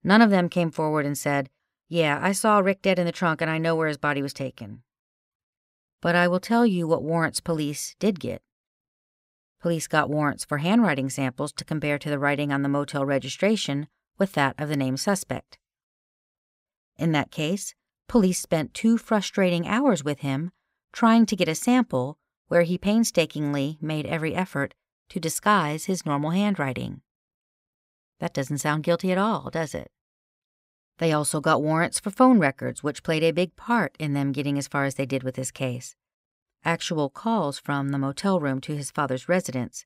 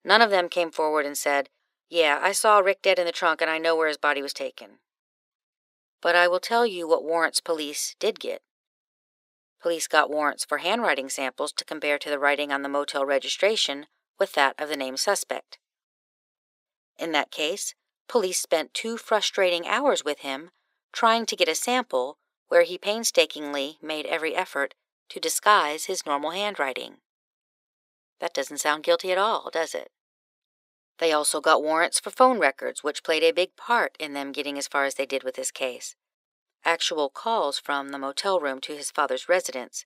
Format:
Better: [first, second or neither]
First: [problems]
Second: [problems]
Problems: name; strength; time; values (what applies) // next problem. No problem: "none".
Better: first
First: none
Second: thin; very; fading below 400 Hz